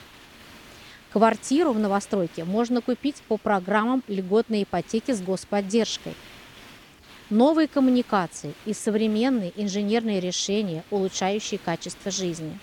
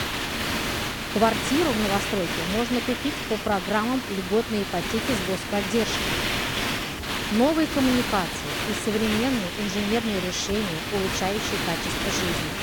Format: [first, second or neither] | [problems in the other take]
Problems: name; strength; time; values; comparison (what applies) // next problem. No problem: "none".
first | hiss; loud; throughout; 1 dB below the speech; faint in the first